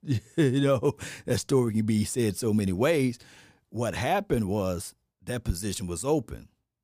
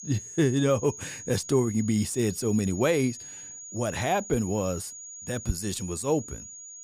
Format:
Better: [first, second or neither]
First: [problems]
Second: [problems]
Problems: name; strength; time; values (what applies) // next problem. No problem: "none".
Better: first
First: none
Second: high-pitched whine; noticeable; throughout; 7 kHz, 10 dB below the speech